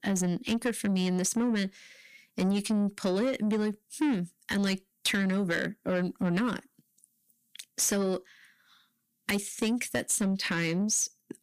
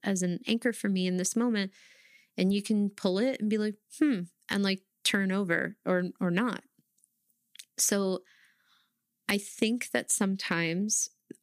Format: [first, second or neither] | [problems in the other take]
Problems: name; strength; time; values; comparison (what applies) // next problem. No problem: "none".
second | distortion; slight; 10 dB below the speech